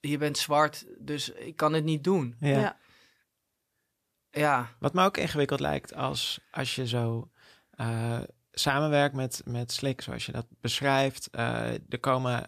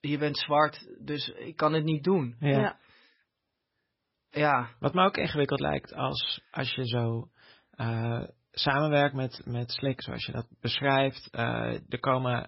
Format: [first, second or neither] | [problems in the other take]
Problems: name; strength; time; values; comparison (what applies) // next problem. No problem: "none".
first | garbled, watery; badly; nothing above 5.5 kHz